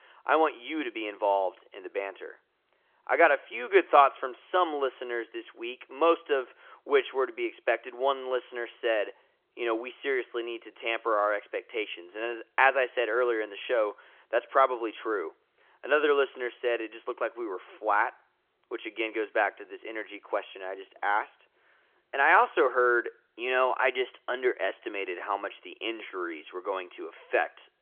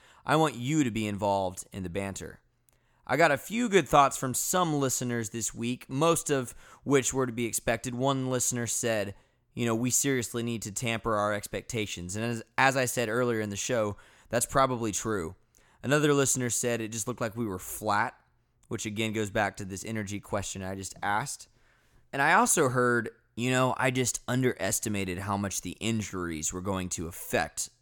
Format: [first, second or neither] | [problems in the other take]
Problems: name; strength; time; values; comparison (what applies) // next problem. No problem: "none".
second | phone-call audio; nothing above 3.5 kHz